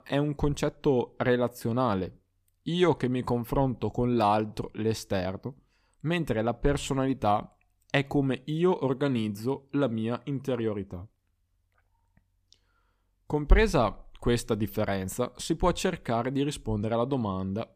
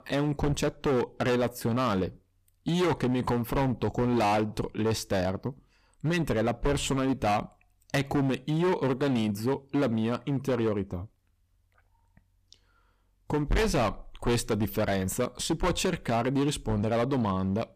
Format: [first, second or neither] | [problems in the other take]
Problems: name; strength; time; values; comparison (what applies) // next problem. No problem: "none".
first | distortion; heavy; 15% of the sound clipped